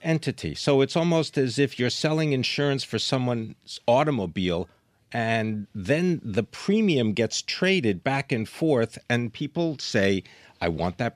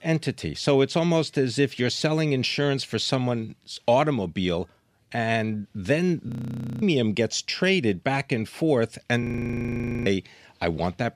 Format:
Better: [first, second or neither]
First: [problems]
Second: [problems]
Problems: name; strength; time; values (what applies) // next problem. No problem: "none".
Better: first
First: none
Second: audio freezing; at 6.5 s for 0.5 s and at 9 s for 1 s